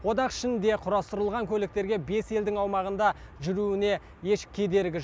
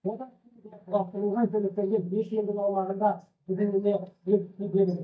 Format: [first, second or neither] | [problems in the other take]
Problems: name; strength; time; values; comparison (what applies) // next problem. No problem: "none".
first | noise reduction (neural mask model DeepFilterNet 3)